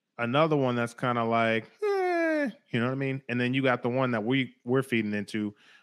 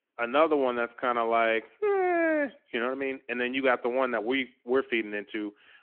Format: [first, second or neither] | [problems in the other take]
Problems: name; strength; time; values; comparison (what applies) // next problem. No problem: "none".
first | phone-call audio